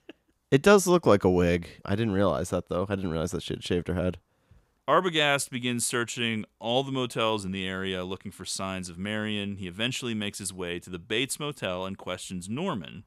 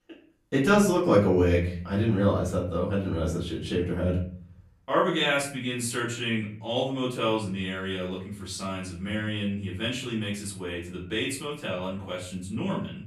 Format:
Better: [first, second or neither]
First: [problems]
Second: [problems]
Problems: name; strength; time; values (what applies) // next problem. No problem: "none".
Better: first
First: none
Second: room echo; slight; dies away in 0.6 s // off-mic speech; far